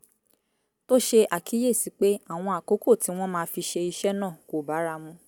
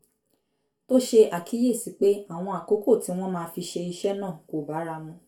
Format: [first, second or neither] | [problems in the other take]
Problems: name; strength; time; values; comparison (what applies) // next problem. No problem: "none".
first | room echo; dies away in 0.3 s